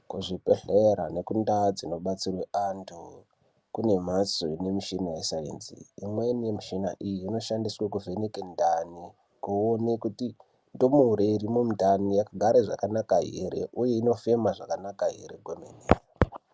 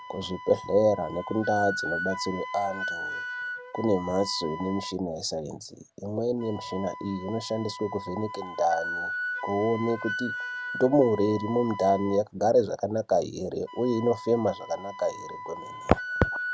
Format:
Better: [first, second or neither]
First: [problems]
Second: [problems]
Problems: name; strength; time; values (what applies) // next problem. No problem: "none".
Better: first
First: none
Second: background sound (Wind instrument, woodwind instrument); 9 dB below the speech